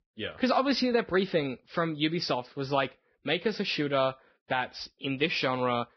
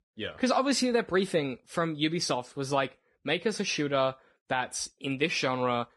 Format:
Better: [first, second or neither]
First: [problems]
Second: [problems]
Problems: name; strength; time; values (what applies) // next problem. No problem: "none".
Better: second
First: garbled, watery; badly; nothing above 5.5 kHz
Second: garbled, watery; slightly; nothing above 10.5 kHz